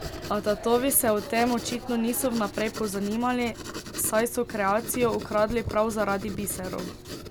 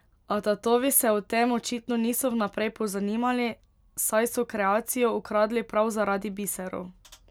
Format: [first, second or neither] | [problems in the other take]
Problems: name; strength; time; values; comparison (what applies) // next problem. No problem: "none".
second | background sound (Writing); 11 dB below the speech